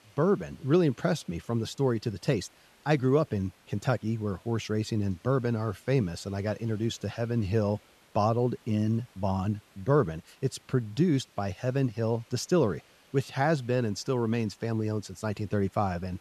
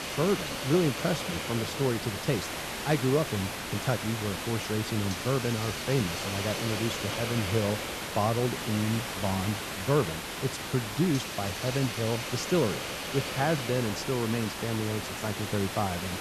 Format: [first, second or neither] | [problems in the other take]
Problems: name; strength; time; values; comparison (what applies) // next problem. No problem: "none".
first | hiss; loud; throughout; 3 dB below the speech; faint in the first